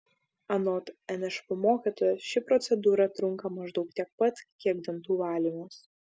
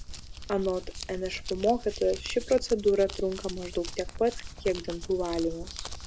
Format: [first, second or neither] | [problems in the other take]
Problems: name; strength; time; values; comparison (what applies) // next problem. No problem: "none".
first | background sound (Crumpling, crinkling); 10 dB below the speech